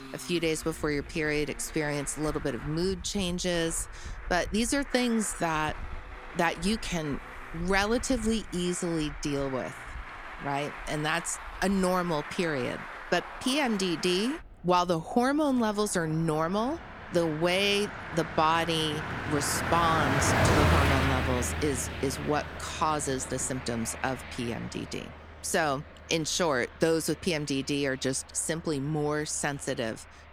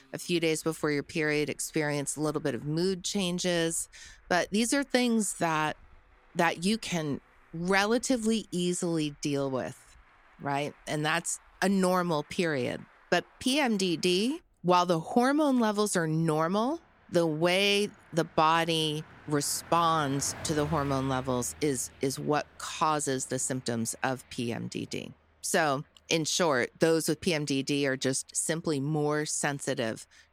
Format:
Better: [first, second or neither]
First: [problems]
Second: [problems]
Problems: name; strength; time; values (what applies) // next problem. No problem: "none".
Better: second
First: traffic noise; loud; throughout; 6 dB below the speech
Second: traffic noise; faint; throughout; 25 dB below the speech